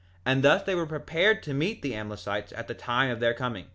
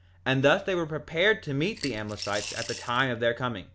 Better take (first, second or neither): first